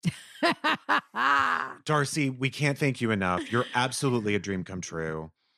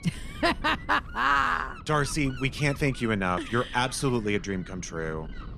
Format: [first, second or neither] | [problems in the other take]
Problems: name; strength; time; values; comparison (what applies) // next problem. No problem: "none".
first | wind noise on the microphone; occasional gusts; 20 dB below the speech